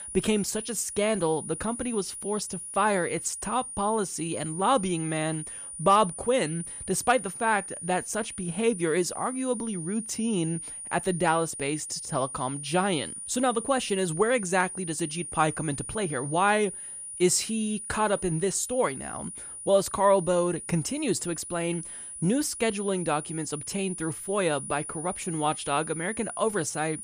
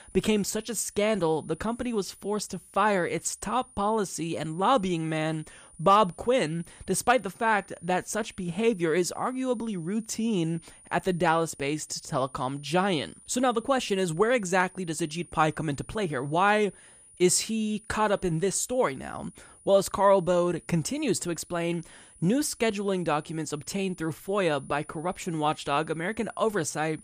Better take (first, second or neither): second